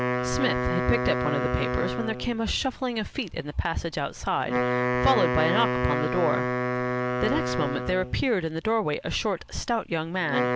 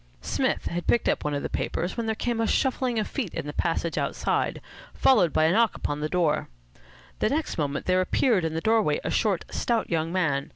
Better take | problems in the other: second | background sound (Wind instrument, woodwind instrument); 1 dB below the speech

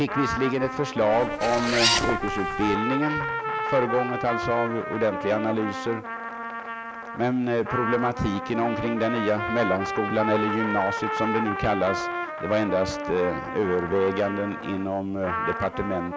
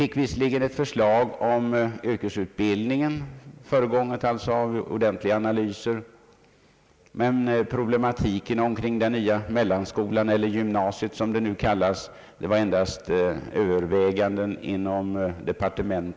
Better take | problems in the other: second | background sound (Trumpet + Zipper (clothing)); 4 dB below the speech

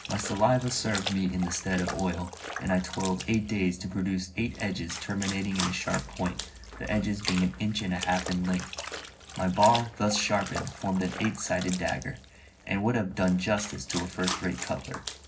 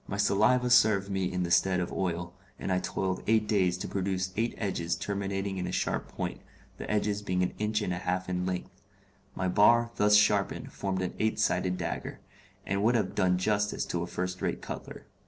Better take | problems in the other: second | background sound (Trickle, dribble / Splash, splatter); 10 dB below the speech // room echo; dies away in 0.4 s

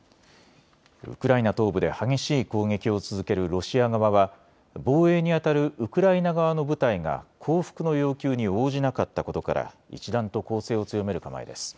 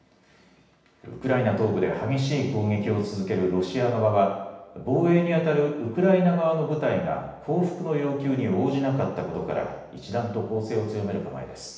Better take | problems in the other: first | room echo; dies away in 0.9 s

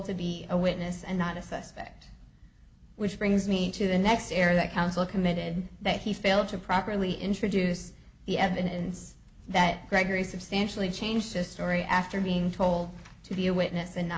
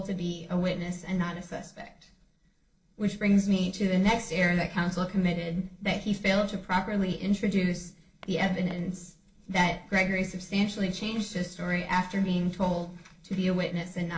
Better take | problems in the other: first | noise reduction (neural separator model SepFormer DNS4)

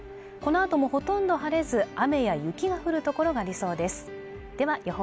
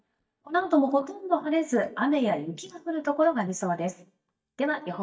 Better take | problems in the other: first | noise reduction (neural mask model DeepFilterNet 3)

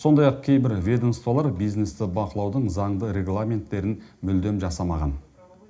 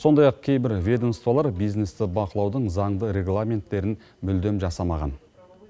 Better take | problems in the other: second | room echo; dies away in 0.4 s

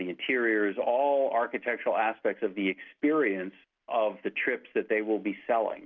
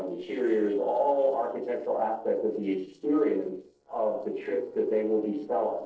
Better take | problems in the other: first | noise reduction (neural separator model SepFormer DNS4)

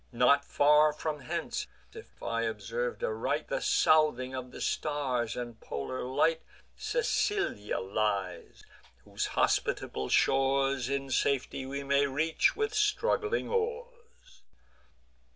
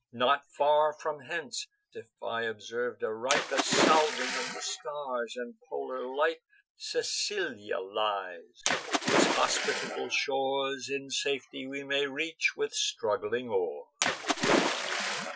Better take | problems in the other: first | noise reduction (classical method Wiener filter)

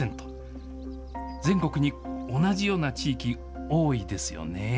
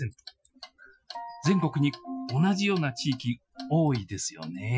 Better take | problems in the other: first | noise reduction (classical method Wiener filter)

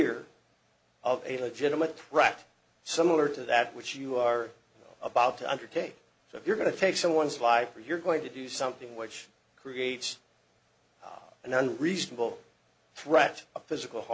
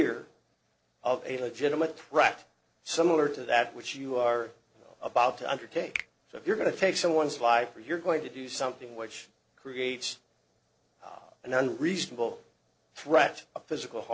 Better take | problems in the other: first | noise reduction (neural separator model SepFormer DNS4)

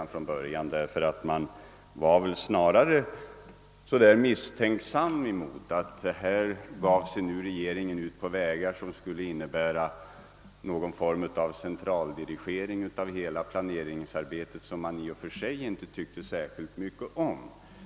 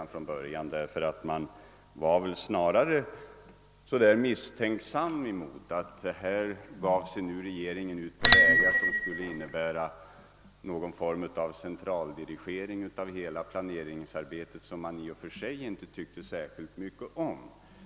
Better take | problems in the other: first | background sound (Bicycle bell); 2 dB below the speech

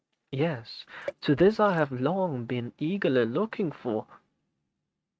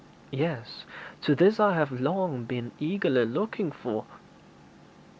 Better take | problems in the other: second | noise reduction (neural mask model RNNoise)

